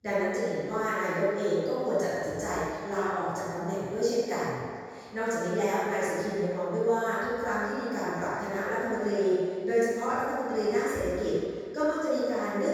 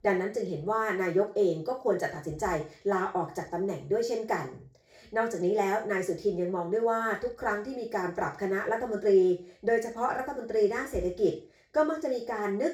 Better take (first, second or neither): second